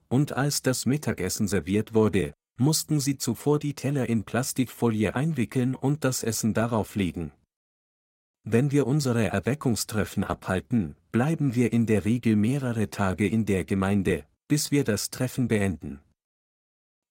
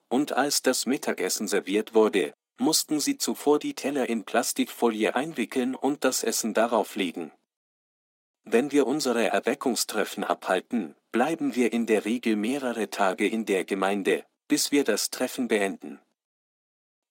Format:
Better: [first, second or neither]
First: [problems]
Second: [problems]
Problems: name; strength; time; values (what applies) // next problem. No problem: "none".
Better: first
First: none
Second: thin; somewhat; fading below 250 Hz